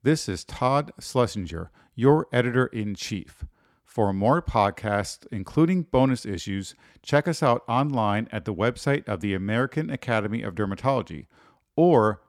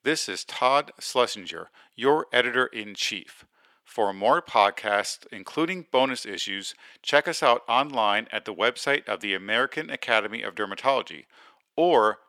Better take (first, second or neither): first